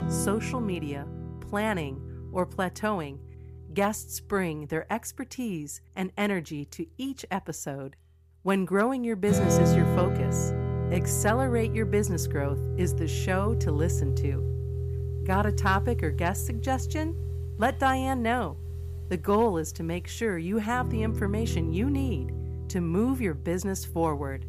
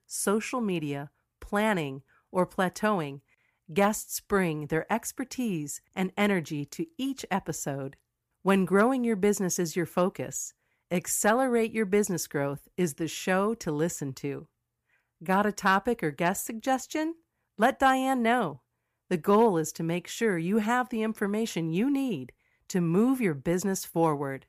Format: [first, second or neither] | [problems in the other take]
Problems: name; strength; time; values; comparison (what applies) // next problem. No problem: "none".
second | background music; loud; throughout; 1 dB below the speech